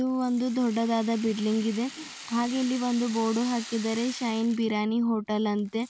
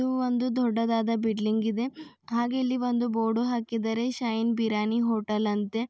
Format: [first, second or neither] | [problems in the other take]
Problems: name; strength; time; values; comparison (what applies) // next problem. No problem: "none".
second | background sound (Rattle (instrument)); 17 dB below the speech